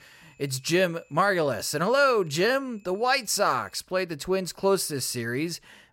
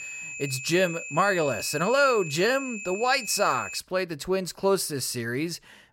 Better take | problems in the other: first | high-pitched whine; loud; until 4 s; 2.5 kHz, 9 dB below the speech; faint in the first

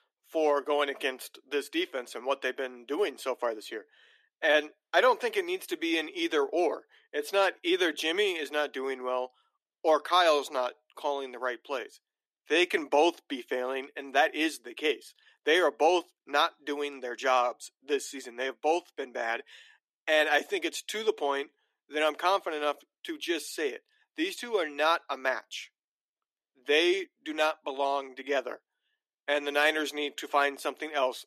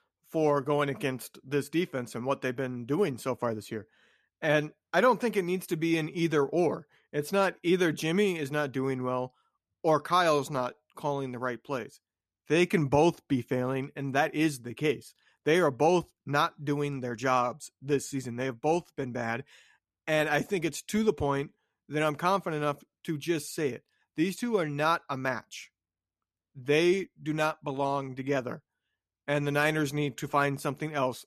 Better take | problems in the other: second | thin; somewhat; fading below 300 Hz

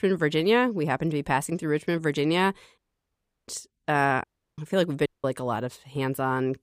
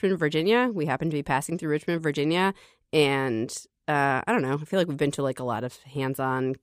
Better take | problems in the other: second | audio cutting out; at 3 s for 0.5 s, at 4 s and at 5 s

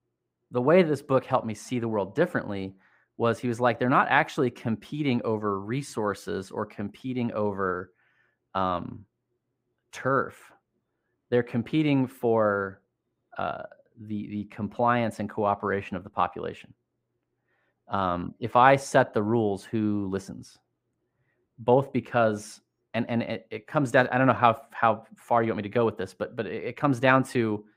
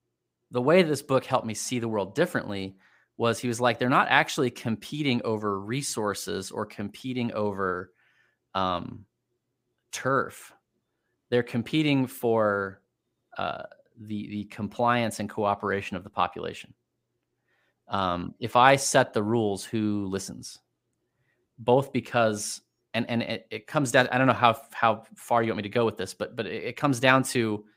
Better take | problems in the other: second | muffled; slightly; fading above 2.5 kHz

